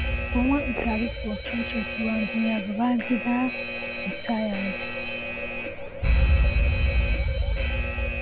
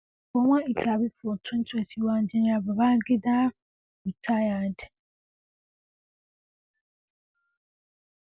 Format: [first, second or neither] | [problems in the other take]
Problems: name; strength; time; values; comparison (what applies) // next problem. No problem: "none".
second | background sound (Alarm); 4 dB above the speech